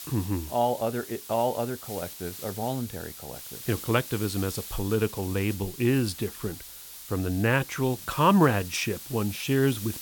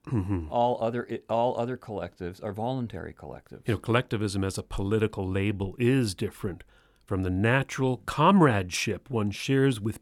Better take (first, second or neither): second